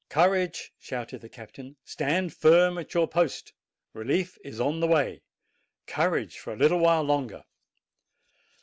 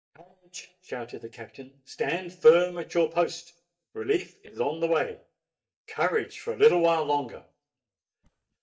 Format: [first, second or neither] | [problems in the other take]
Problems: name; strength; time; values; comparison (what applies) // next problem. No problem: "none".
first | noise reduction (neural mask model DeepFilterNet 3)